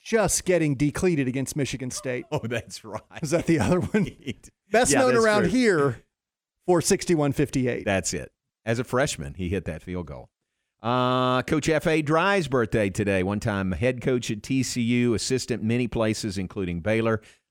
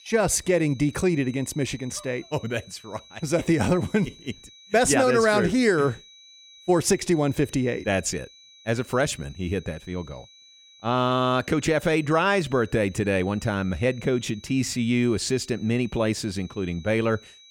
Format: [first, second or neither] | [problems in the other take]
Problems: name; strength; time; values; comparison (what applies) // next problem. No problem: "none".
first | high-pitched whine; faint; throughout; 4 kHz, 25 dB below the speech